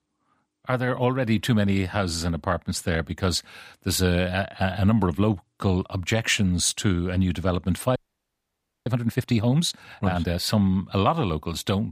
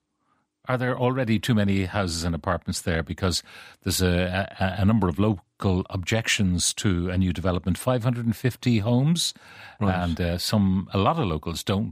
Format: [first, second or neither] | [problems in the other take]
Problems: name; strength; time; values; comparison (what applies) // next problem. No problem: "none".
second | audio freezing; at 8 s for 1 s